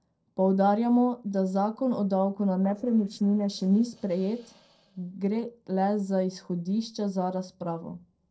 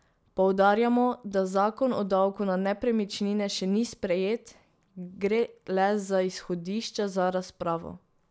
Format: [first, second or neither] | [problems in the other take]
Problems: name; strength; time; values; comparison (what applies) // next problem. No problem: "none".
second | noise reduction (neural separator model SepFormer DNS4)